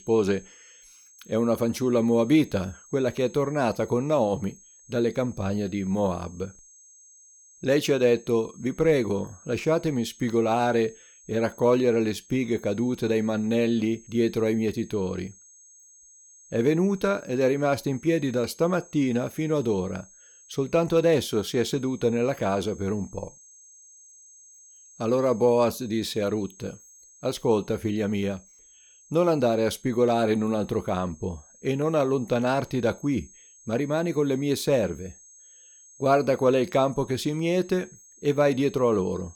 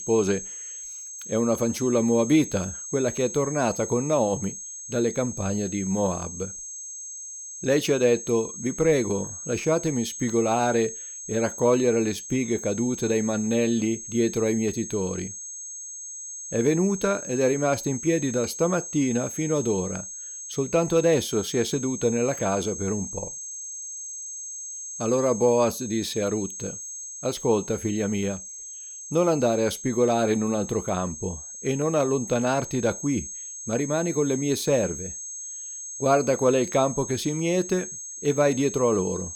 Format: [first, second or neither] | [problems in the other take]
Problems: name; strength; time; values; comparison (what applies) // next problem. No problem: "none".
first | high-pitched whine; loud; throughout; 6.5 kHz, 9 dB below the speech; faint in the first